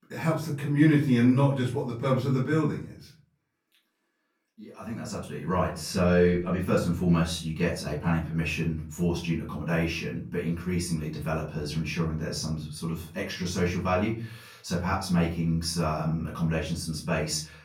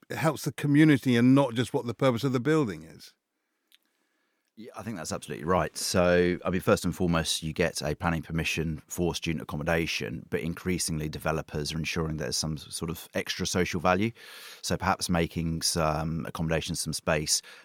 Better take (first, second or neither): second